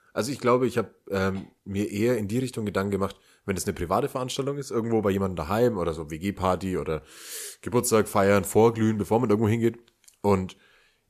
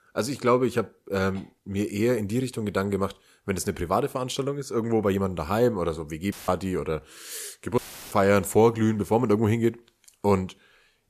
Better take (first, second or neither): first